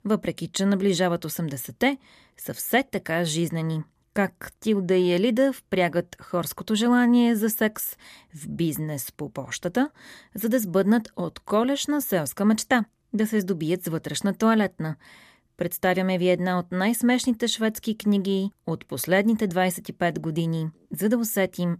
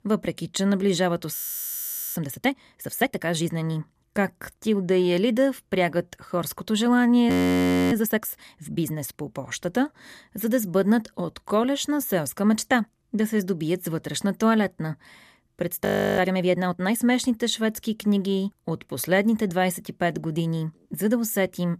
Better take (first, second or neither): first